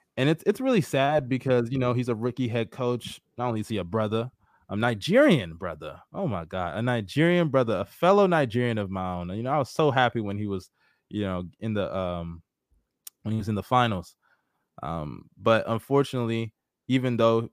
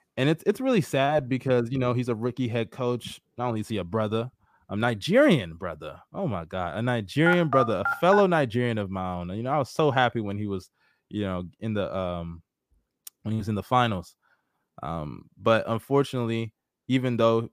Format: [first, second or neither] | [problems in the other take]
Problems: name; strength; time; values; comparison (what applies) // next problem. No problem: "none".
first | phone ringing; noticeable; at 7.5 s; peak level with the speech